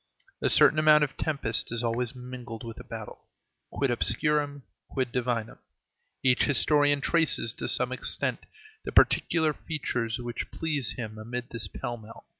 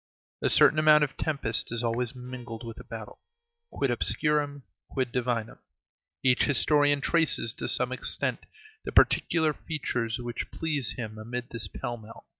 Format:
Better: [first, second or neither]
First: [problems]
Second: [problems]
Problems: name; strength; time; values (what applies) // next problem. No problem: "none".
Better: first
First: none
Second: noise reduction (neural mask model DeepFilterNet 3)